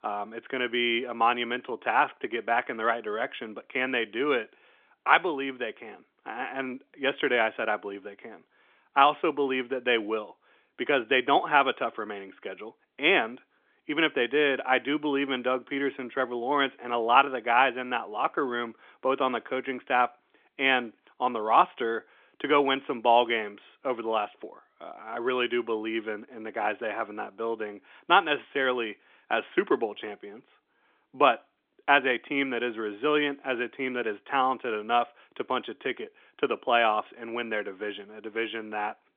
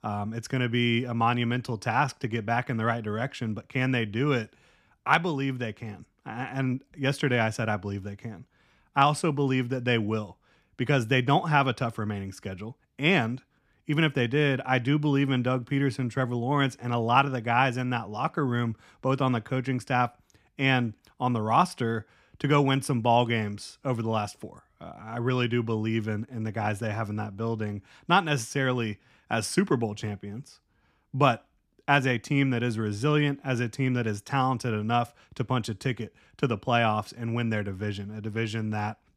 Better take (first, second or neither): second